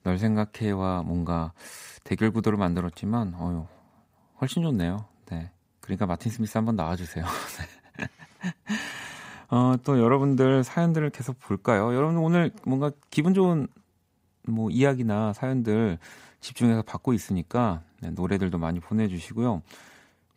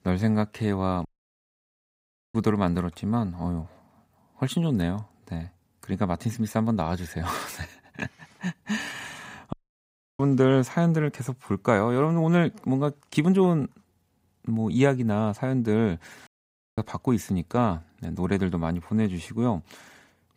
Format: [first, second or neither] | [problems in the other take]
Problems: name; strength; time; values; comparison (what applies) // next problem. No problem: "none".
first | audio cutting out; at 1 s for 1.5 s, at 9.5 s for 0.5 s and at 16 s for 0.5 s